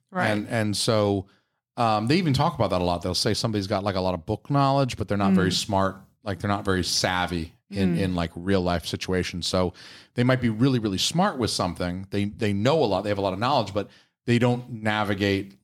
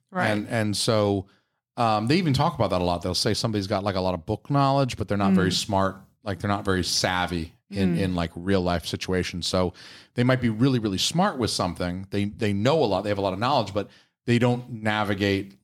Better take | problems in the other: neither | none

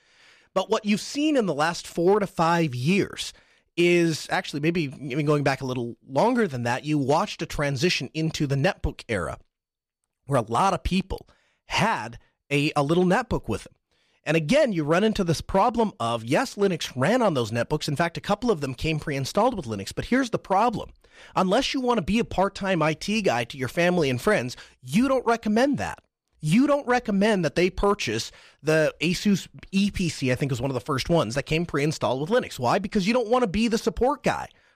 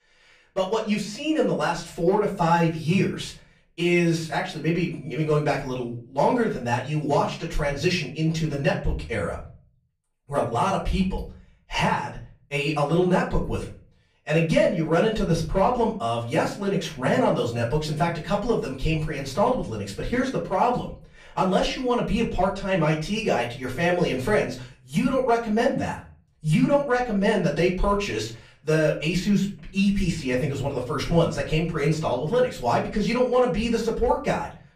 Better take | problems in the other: first | off-mic speech; far // room echo; slight; dies away in 0.4 s

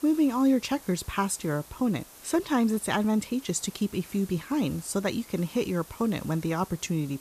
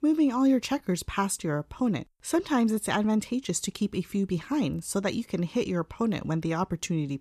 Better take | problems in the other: second | hiss; noticeable; throughout; 20 dB below the speech

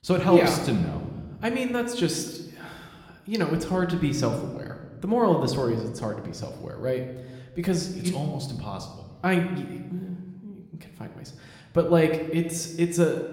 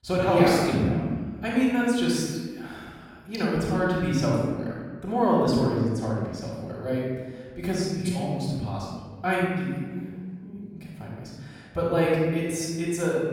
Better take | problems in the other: first | room echo; strong; dies away in 1.5 s; slight in the first // off-mic speech; far

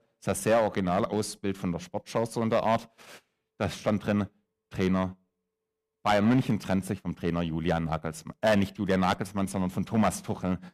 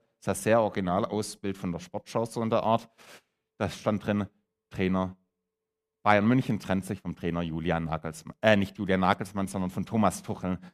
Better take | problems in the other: second | distortion; slight; 2% of the sound clipped

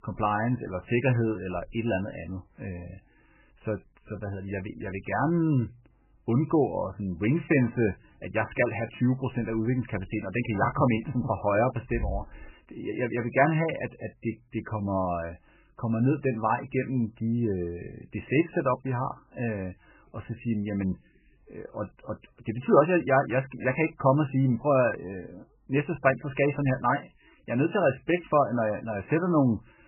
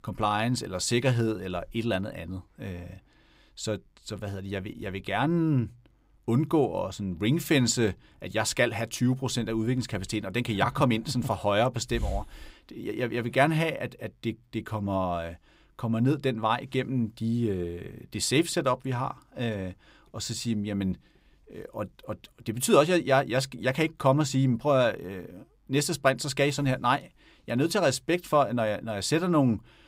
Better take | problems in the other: second | garbled, watery; badly; nothing above 3 kHz

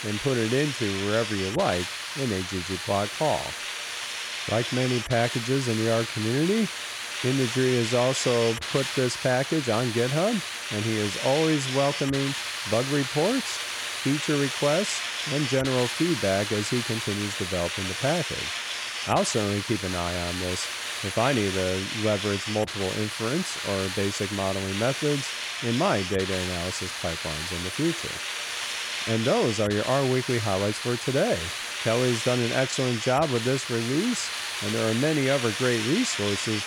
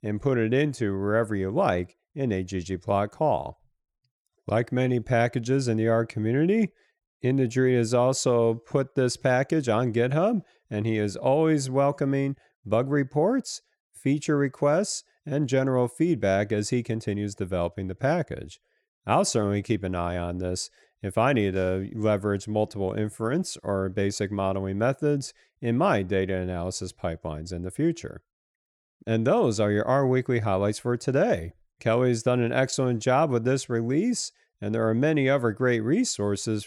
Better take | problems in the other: second | hiss; loud; throughout; 3 dB below the speech

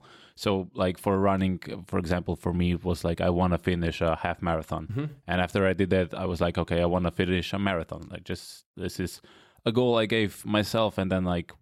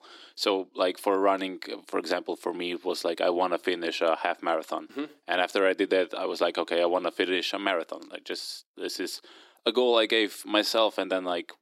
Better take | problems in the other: first | thin; somewhat; fading below 300 Hz

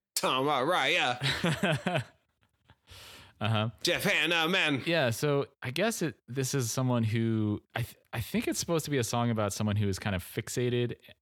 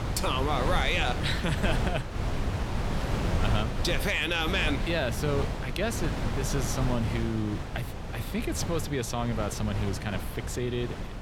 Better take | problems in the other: first | wind noise on the microphone; heavy; 6 dB below the speech

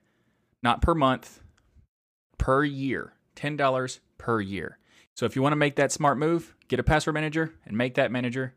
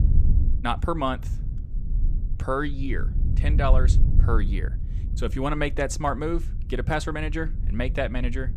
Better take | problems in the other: first | low rumble; noticeable; throughout; 15 dB below the speech

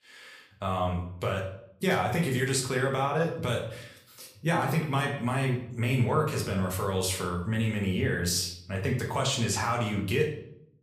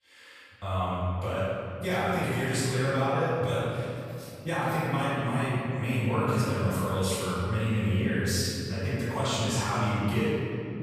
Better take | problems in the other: first | room echo; strong; dies away in 2.6 s; slight in the first // off-mic speech; far; somewhat distant in the first

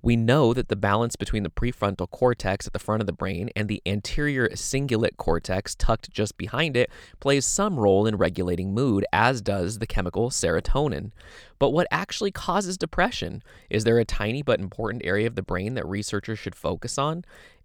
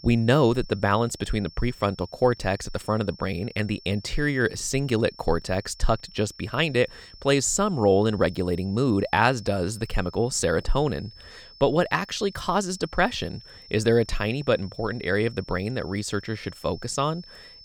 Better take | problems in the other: first | high-pitched whine; faint; throughout; 5.5 kHz, 20 dB below the speech

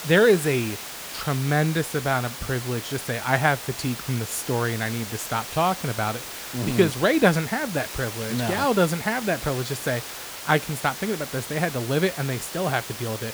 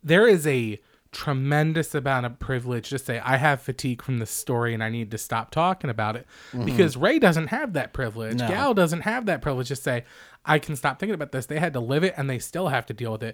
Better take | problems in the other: second | hiss; loud; throughout; 9 dB below the speech

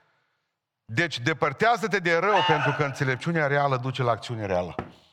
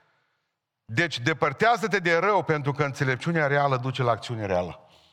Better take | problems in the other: second | alarm; loud; at 2.5 s; peak 1 dB above the speech // door banging; faint; at 5 s; peak 15 dB below the speech

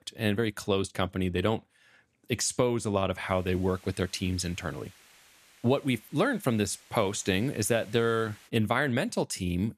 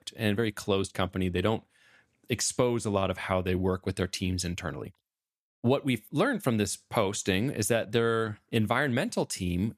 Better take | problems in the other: second | hiss; faint; from 3.5 to 8.5 s; 25 dB below the speech

